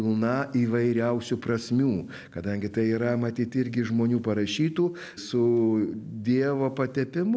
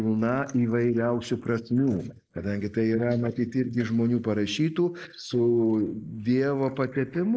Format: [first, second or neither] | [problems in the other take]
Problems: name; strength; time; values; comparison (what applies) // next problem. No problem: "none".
first | noise reduction (neural mask model Resemble Enhance denoiser)